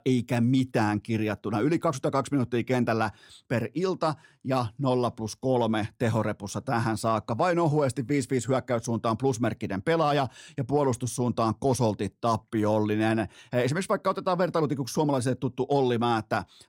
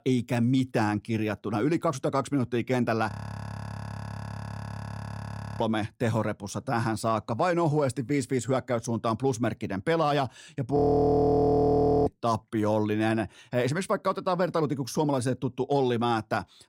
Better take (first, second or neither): first